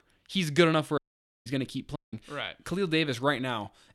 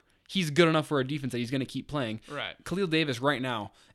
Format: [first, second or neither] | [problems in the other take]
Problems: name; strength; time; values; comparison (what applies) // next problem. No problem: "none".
second | audio cutting out; at 1 s and at 2 s